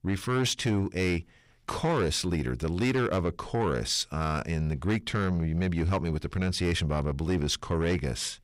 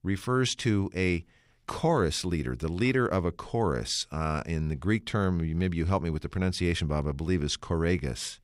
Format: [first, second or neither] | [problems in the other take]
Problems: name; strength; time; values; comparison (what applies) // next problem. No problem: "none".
second | distortion; slight; 10 dB below the speech